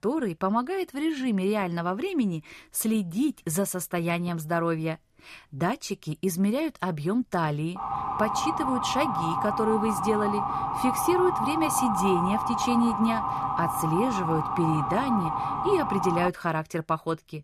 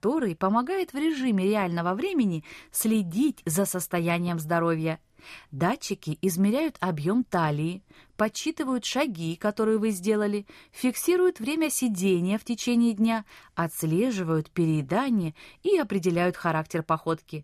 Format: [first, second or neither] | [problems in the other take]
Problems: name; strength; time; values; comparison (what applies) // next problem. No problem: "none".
second | siren; loud; from 8 to 16 s; peak 1 dB above the speech